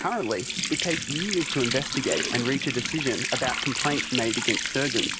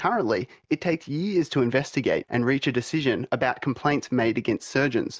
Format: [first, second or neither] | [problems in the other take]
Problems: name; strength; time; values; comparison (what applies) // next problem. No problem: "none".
second | background sound (Water tap, faucet); 1 dB below the speech